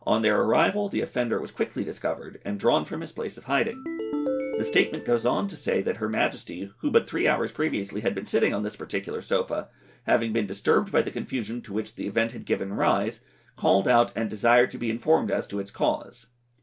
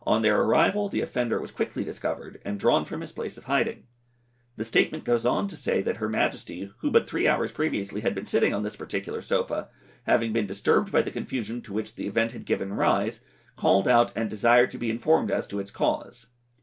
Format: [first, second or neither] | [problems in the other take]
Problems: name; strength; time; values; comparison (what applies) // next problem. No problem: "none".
second | background sound (Ringtone); 5 dB below the speech